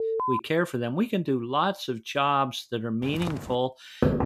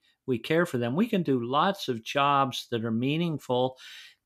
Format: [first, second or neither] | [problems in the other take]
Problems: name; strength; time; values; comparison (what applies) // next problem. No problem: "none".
second | alarm; loud; at the start; peak level with the speech // footsteps; noticeable; at 3 s; peak 9 dB below the speech // door banging; very faint; at 4 s; peak 2 dB above the speech